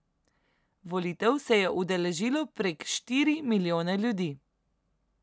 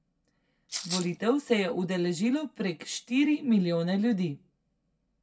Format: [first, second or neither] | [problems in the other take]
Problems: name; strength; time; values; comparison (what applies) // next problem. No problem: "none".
first | background sound (Rattle (instrument)); 7 dB below the speech // room echo; dies away in 0.1 s